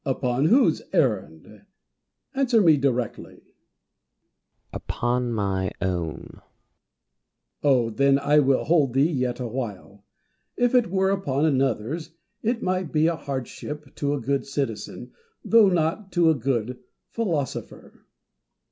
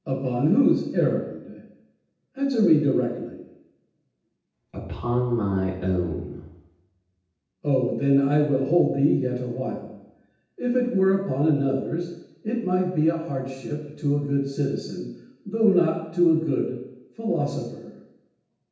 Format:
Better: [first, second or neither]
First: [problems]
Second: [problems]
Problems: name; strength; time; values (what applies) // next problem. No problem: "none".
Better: first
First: none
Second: room echo; dies away in 0.9 s